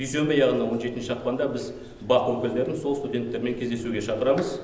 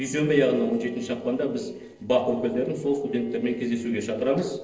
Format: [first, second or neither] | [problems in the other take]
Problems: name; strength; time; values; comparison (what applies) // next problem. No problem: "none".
first | noise reduction (neural separator model SepFormer DNS4)